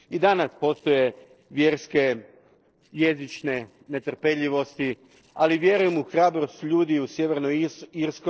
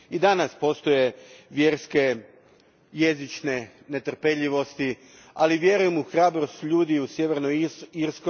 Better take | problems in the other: second | noise reduction (neural separator model SepFormer DNS4)

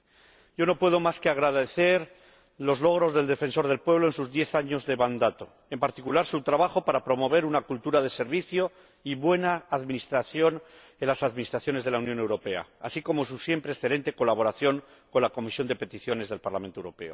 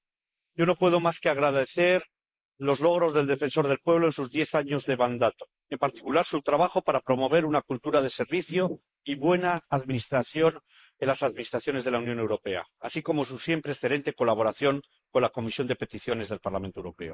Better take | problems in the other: first | noise reduction (neural mask model Resemble Enhance denoiser)

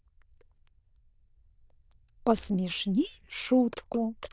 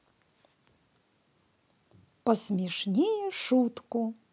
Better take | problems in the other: second | noise reduction (neural diffusion model UNIVERSE++)

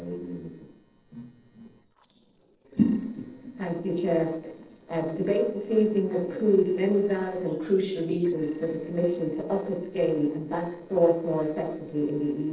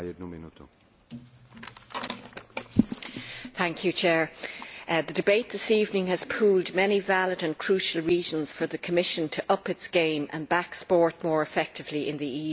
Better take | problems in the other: second | noise reduction (neural separator model SepFormer DNS4)

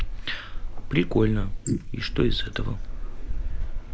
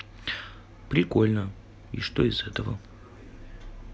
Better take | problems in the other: second | noise reduction (neural mask model Resemble Enhance denoiser)

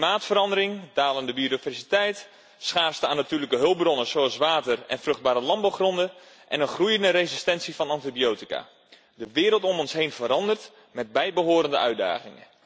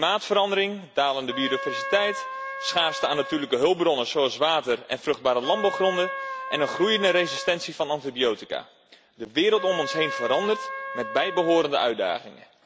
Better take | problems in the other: first | background sound (Trumpet); 11 dB below the speech

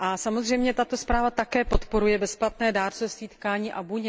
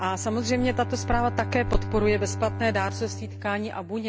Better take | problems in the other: first | background sound (Bowed string instrument); 7 dB below the speech

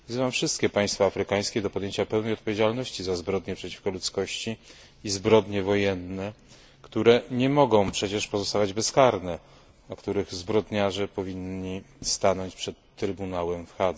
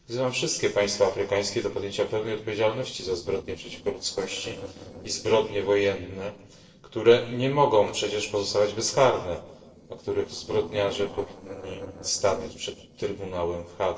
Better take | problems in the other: first | noise reduction (neural separator model SepFormer DNS4)

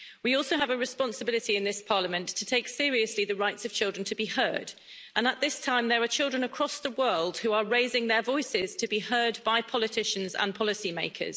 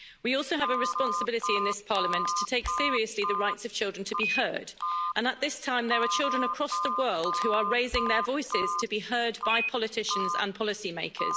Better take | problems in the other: first | background sound (Telephone); 2 dB below the speech

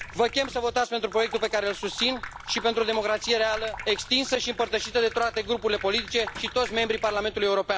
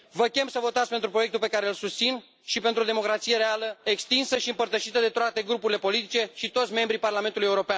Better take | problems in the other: second | background sound (Sink (filling or washing) / Water tap, faucet); 14 dB below the speech

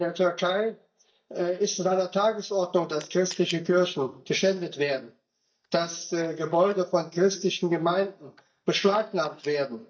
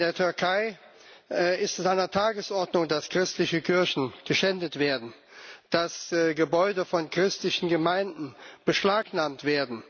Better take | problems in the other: second | noise reduction (neural mask model DeepFilterNet 3)

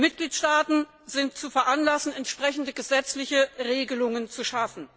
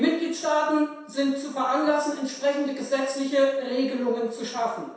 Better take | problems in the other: first | room echo; dies away in 0.7 s

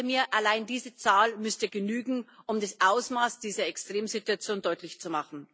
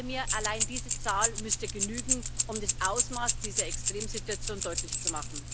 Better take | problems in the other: first | background sound (Keys jangling); 5 dB above the speech

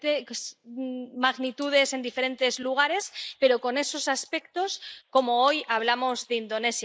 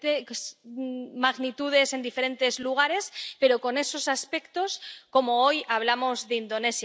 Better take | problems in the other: second | noise reduction (neural mask model Resemble Enhance denoiser)

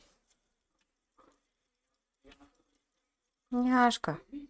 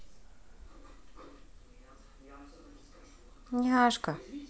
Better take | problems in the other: second | noise reduction (neural mask model RNNoise)

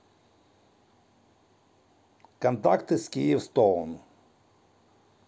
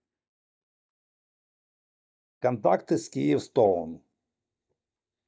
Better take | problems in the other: first | noise reduction (neural mask model DeepFilterNet 3)

